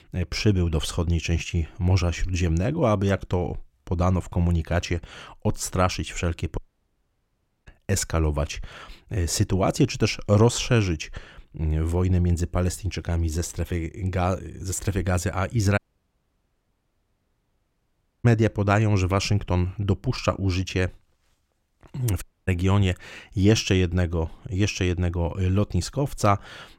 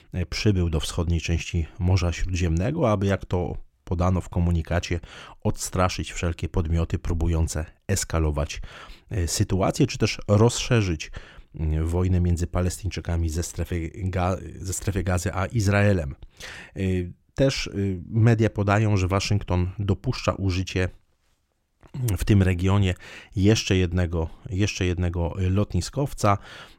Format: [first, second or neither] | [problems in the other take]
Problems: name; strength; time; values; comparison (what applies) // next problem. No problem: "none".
second | audio cutting out; at 6.5 s for 1 s, at 16 s for 2.5 s and at 22 s